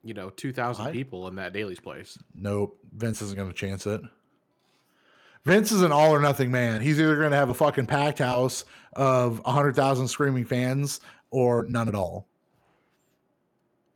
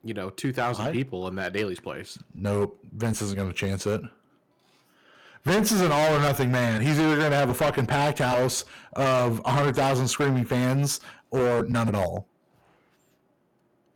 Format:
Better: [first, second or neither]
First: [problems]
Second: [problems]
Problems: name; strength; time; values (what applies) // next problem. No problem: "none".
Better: first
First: none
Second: distortion; heavy; 13% of the sound clipped